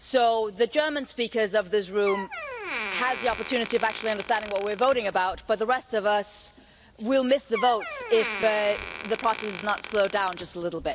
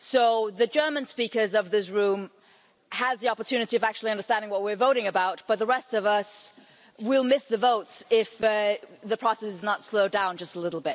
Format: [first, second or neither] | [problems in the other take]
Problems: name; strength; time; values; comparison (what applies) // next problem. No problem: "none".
second | background sound (Door); 12 dB below the speech